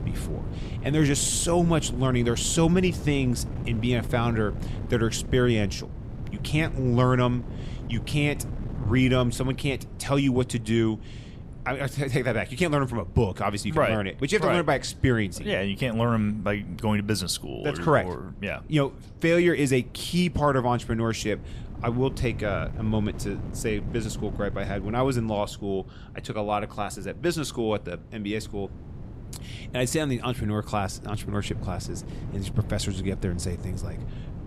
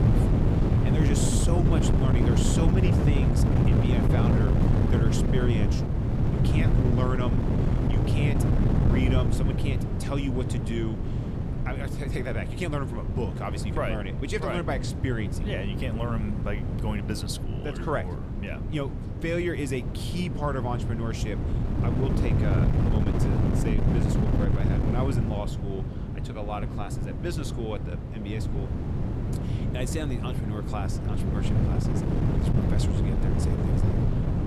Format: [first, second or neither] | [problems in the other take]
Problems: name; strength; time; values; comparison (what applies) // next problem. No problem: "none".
first | wind noise on the microphone; heavy; as loud as the speech; occasional gusts in the first